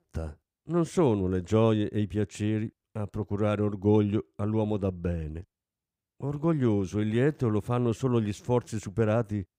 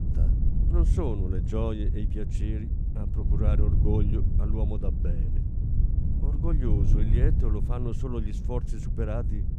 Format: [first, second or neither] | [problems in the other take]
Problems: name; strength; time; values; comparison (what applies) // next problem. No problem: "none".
first | wind noise on the microphone; heavy; 5 dB below the speech